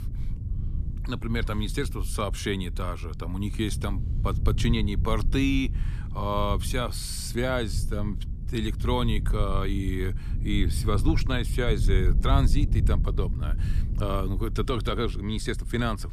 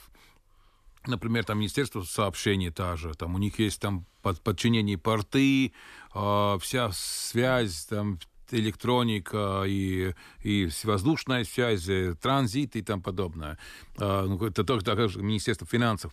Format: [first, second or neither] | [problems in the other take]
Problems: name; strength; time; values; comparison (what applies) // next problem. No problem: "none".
second | low rumble; noticeable; throughout; 15 dB below the speech